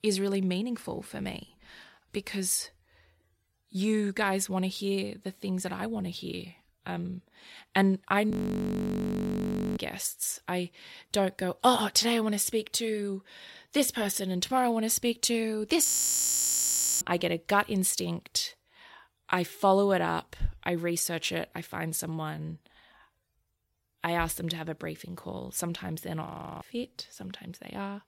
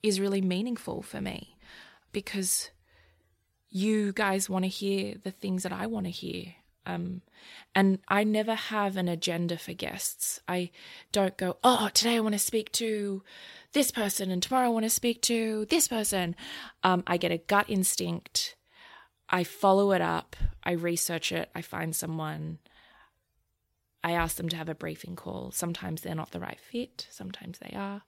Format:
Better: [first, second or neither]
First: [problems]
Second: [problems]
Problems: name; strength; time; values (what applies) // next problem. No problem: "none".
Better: second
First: audio freezing; at 8.5 s for 1.5 s, at 16 s for 1 s and at 26 s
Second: none